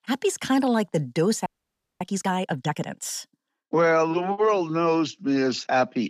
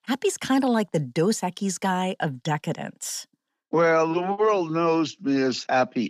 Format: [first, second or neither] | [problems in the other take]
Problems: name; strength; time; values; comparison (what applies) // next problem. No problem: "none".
second | audio freezing; at 1.5 s for 0.5 s